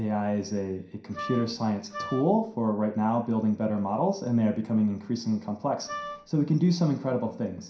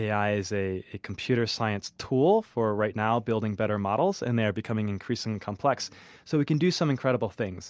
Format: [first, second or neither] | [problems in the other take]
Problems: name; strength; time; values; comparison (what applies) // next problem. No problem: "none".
second | background sound (Wind instrument, woodwind instrument); 12 dB below the speech // room echo; dies away in 0.5 s